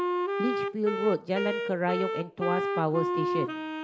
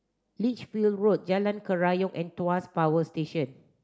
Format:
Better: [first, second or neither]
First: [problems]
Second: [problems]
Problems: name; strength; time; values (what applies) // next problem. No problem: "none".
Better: second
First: background sound (Wind instrument, woodwind instrument); as loud as the speech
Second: none